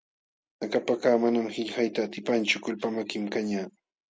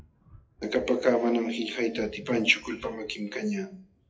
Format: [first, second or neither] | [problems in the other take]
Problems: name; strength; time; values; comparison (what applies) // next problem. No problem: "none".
first | noise reduction (classical method WPE with log-MMSE)